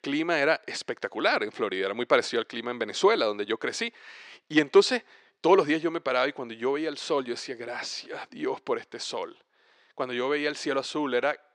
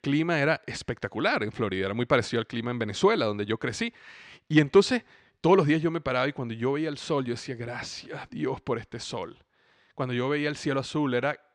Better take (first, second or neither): second